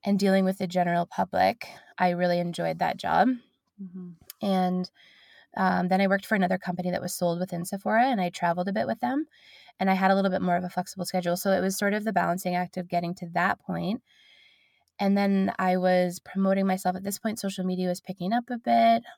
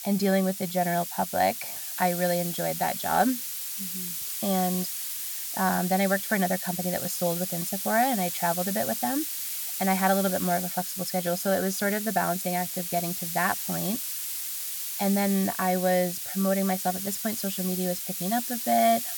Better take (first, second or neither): first